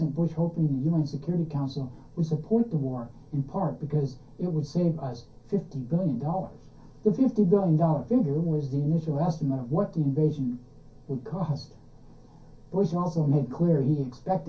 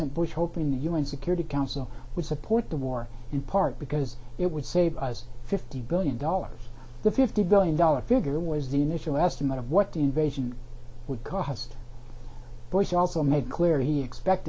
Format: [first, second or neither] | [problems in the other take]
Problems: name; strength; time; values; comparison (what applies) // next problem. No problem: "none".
second | room echo; dies away in 0.3 s